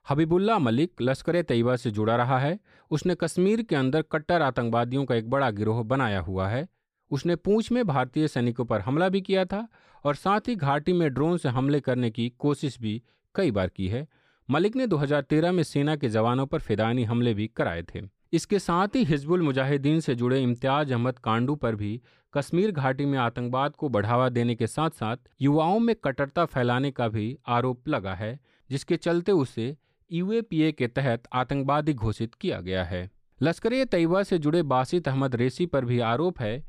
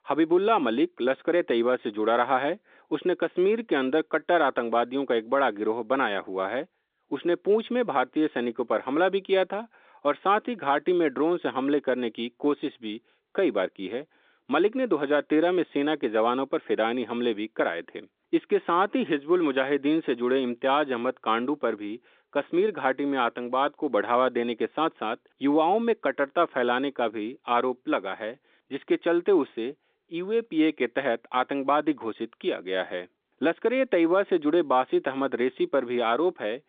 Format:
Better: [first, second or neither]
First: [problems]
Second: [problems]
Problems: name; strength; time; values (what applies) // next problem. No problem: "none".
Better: first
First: none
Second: phone-call audio